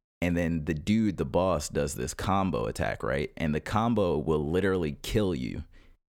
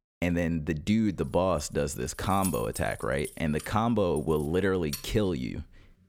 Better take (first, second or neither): first